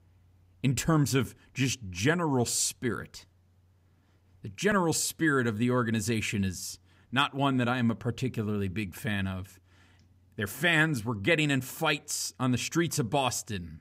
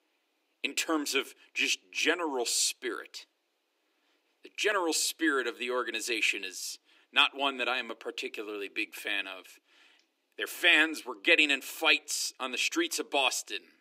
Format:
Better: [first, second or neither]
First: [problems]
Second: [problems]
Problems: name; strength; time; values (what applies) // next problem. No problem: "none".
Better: first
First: none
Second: thin; somewhat; fading below 300 Hz